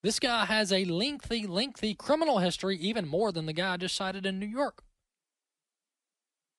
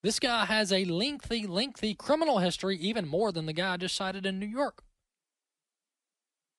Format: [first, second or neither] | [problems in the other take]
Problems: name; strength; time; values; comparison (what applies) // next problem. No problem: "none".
neither | garbled, watery; slightly; nothing above 10.5 kHz; the same in both